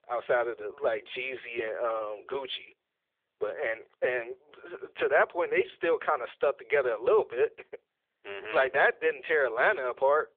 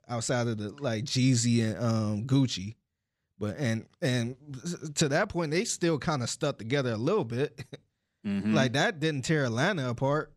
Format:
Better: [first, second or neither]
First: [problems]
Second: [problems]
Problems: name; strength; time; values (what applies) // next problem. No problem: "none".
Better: second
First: phone-call audio; nothing above 3.5 kHz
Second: none